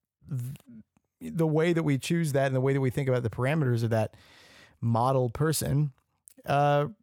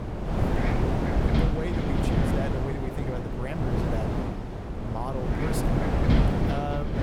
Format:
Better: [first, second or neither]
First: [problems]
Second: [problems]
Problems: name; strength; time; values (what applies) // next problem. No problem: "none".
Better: first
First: none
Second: wind noise on the microphone; heavy; 4 dB above the speech